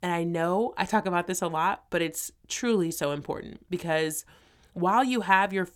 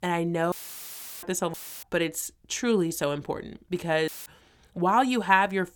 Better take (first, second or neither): first